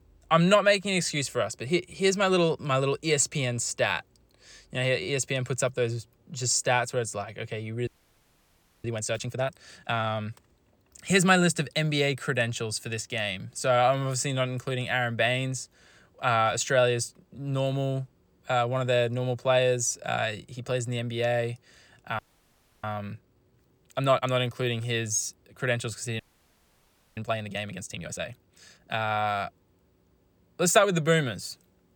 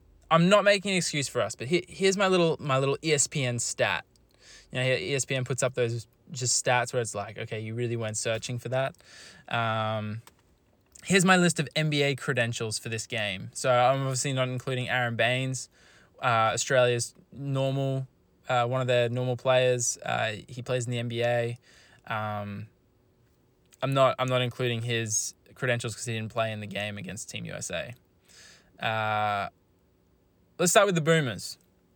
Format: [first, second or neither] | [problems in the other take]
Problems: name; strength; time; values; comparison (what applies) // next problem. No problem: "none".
second | audio freezing; at 8 s for 1 s, at 22 s for 0.5 s and at 26 s for 1 s